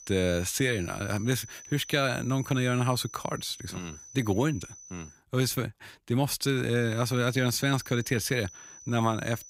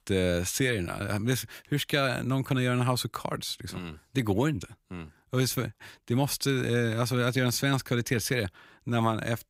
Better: second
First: high-pitched whine; noticeable; until 5 s and from 7 s on; 6 kHz, 15 dB below the speech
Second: none

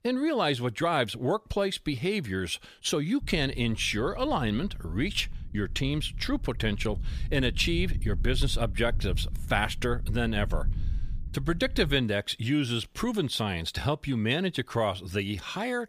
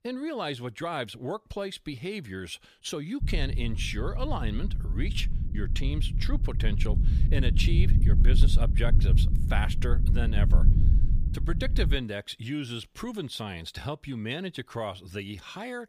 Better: first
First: low rumble; faint; from 3 to 12 s; 25 dB below the speech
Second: low rumble; loud; from 3 to 12 s; 8 dB below the speech

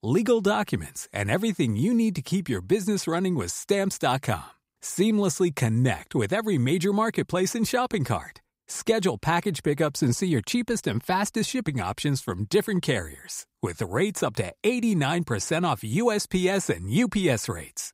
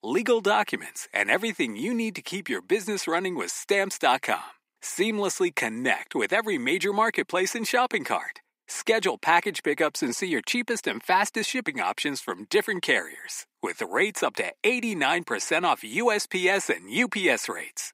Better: first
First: none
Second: thin; somewhat; fading below 250 Hz

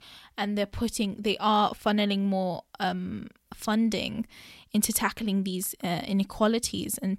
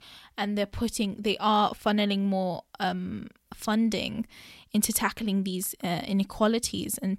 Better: neither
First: none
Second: none

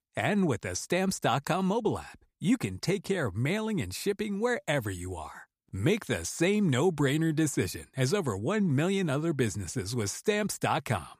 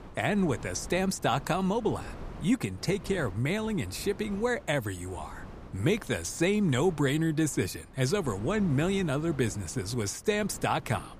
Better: first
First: none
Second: wind noise on the microphone; occasional gusts; 20 dB below the speech

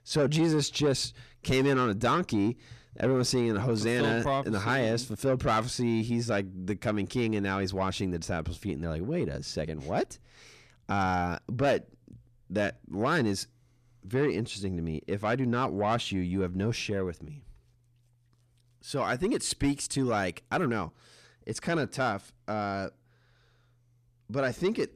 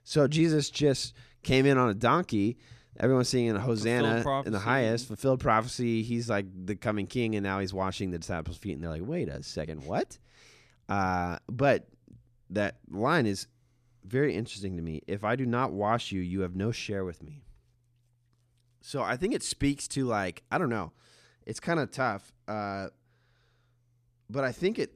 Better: second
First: distortion; slight; 10 dB below the speech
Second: none

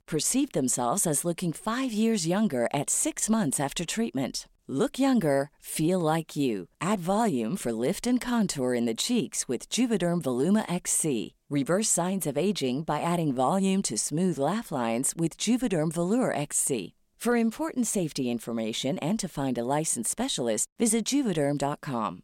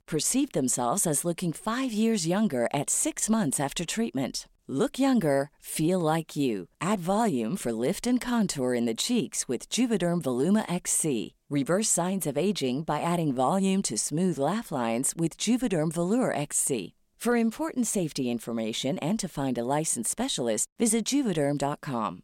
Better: neither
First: none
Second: none

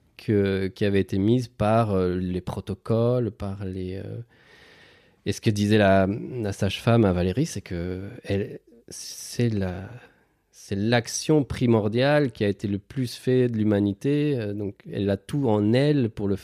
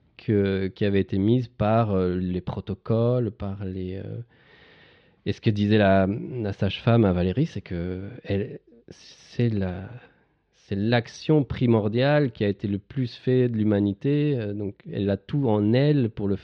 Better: first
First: none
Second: muffled; slightly; fading above 4 kHz

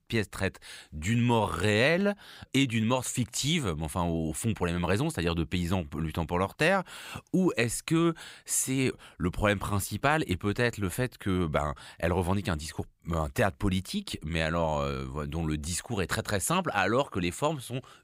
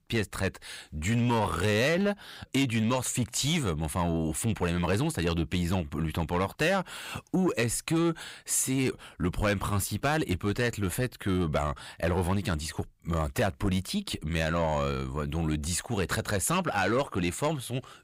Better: first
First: none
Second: distortion; slight; 10 dB below the speech

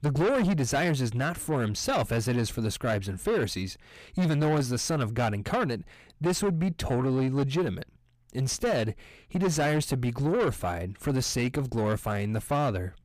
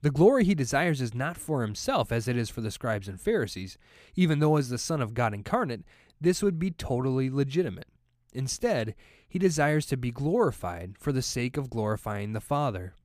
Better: second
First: distortion; heavy; 7 dB below the speech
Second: none

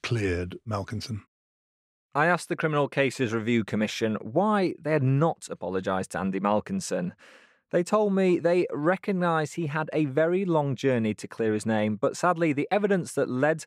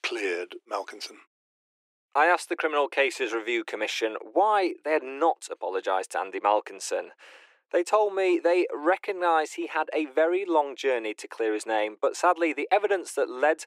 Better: first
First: none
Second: thin; very; fading below 300 Hz

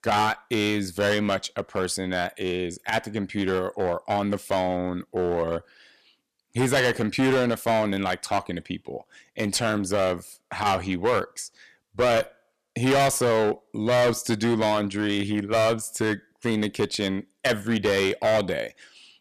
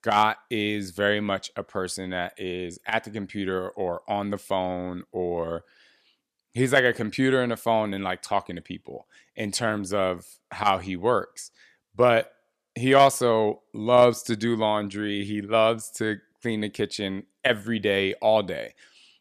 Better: second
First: distortion; heavy; 10% of the sound clipped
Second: none

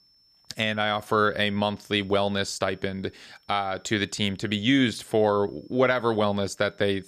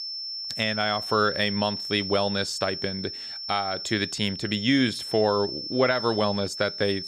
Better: first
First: high-pitched whine; faint; throughout; 5.5 kHz, 35 dB below the speech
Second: high-pitched whine; loud; throughout; 5.5 kHz, 6 dB below the speech

